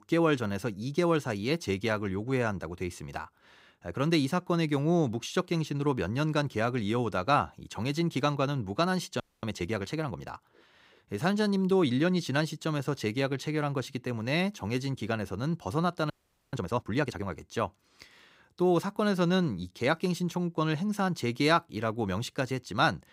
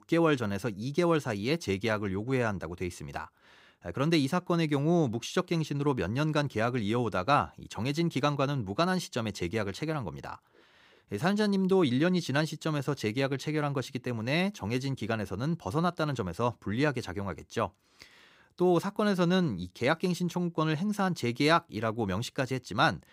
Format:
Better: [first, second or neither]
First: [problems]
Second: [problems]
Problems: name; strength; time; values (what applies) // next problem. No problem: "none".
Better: second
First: audio freezing; at 9 s and at 16 s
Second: none